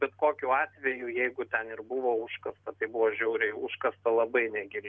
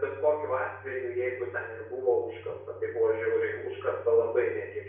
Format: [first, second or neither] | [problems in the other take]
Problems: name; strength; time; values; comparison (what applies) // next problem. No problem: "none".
first | room echo; dies away in 0.6 s